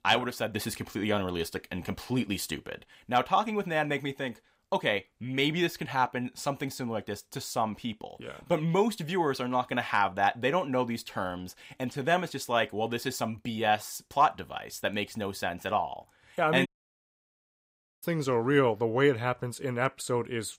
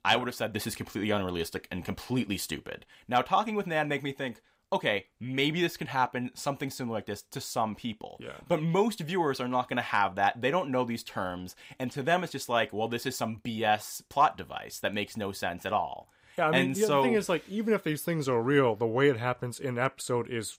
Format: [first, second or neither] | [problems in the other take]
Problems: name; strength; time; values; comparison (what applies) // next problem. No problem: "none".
second | audio cutting out; at 17 s for 1.5 s